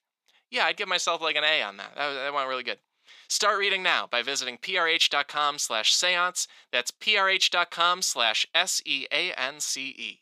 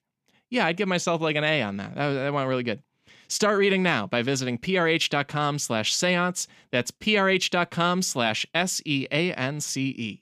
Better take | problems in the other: second | thin; very; fading below 700 Hz

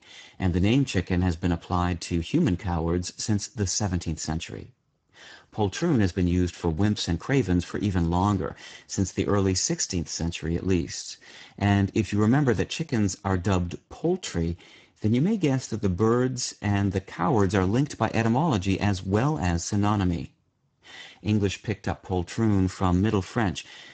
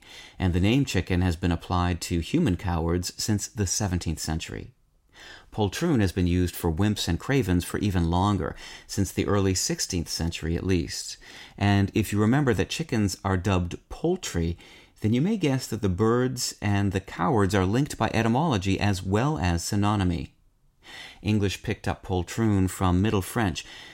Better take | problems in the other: second | garbled, watery; badly; nothing above 7.5 kHz

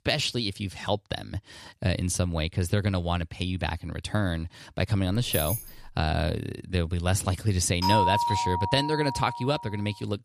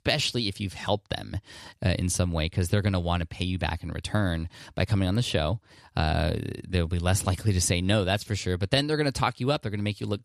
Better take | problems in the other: second | jangling keys; noticeable; at 5 s; peak 2 dB below the speech // doorbell; loud; from 8 to 9.5 s; peak 5 dB above the speech

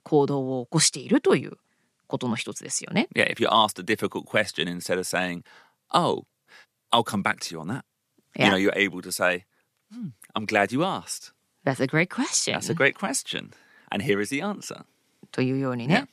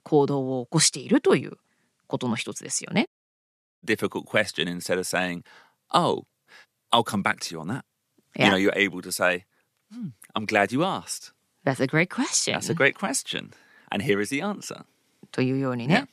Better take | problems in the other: first | audio cutting out; at 3 s for 0.5 s

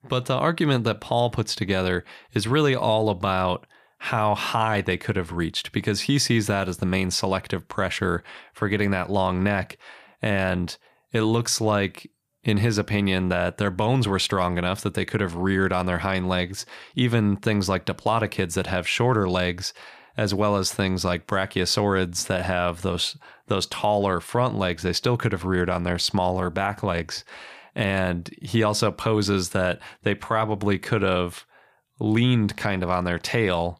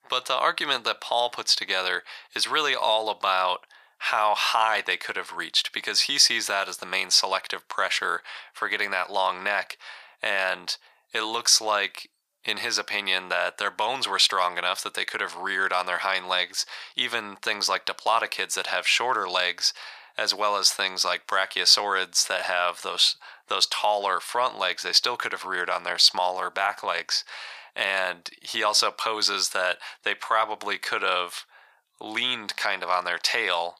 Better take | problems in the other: first | thin; very; fading below 900 Hz

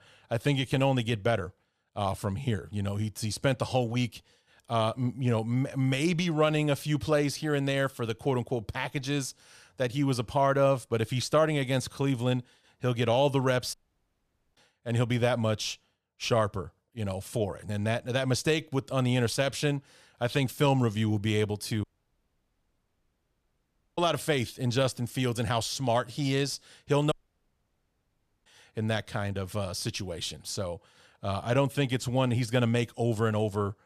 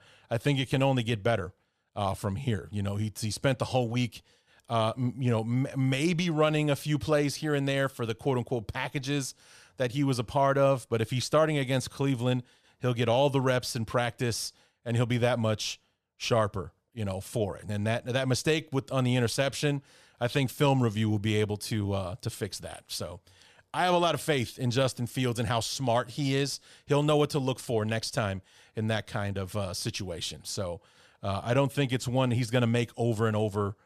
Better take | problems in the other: second | audio cutting out; at 14 s for 1 s, at 22 s for 2 s and at 27 s for 1.5 s

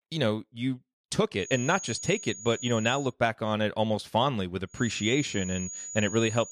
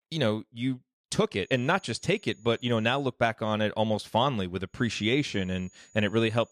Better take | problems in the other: second | high-pitched whine; loud; from 1.5 to 3 s and from 5 s on; 6.5 kHz, 10 dB below the speech; faint in the second

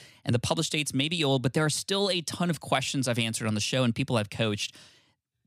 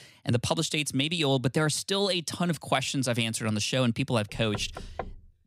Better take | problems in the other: first | door banging; faint; at 4.5 s; peak 10 dB below the speech

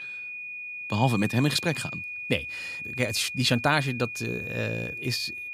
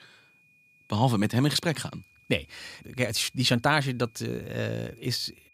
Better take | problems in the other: second | high-pitched whine; loud; throughout; 2.5 kHz, 7 dB below the speech; faint in the second

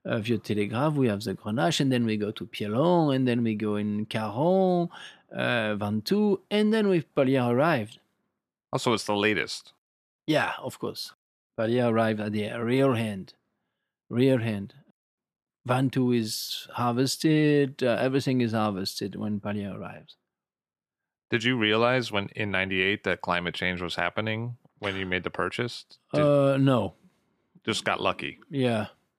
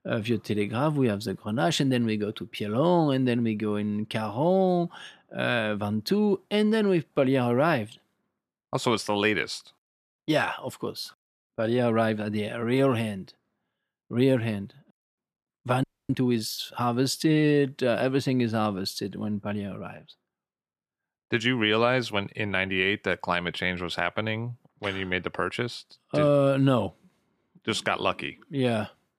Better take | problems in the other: first | audio freezing; at 16 s

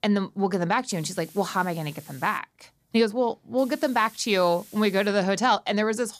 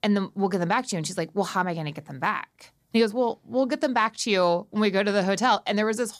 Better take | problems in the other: second | hiss; faint; from 1 to 2.5 s and from 3.5 to 5 s; 20 dB below the speech

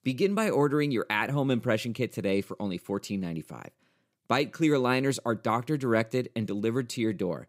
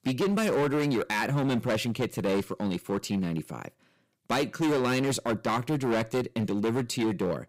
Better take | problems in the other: first | distortion; heavy; 16% of the sound clipped

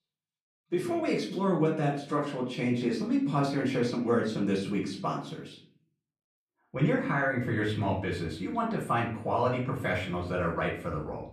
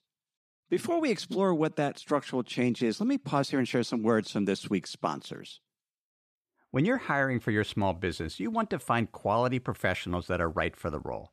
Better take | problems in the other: second | room echo; slight; dies away in 0.5 s // off-mic speech; far

